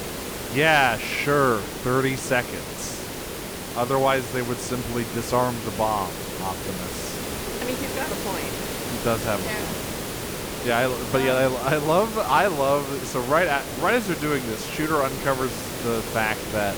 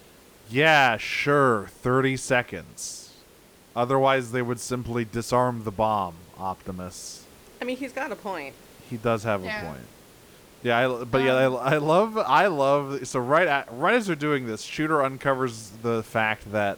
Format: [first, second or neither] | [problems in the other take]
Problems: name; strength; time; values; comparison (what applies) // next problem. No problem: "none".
second | hiss; loud; throughout; 6 dB below the speech; faint in the second